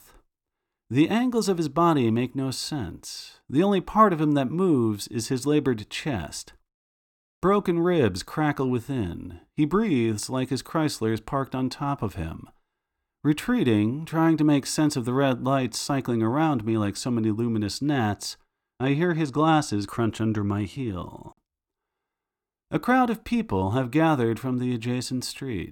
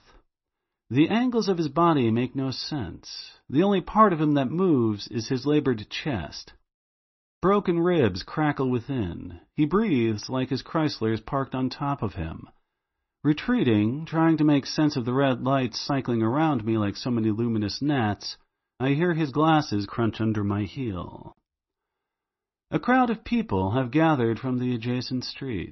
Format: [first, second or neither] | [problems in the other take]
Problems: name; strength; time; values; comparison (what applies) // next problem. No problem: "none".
first | garbled, watery; slightly; nothing above 6 kHz